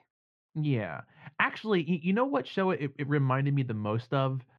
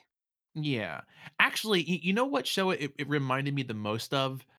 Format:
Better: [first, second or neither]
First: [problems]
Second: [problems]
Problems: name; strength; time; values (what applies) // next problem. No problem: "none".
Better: second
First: muffled; very; fading above 2 kHz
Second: none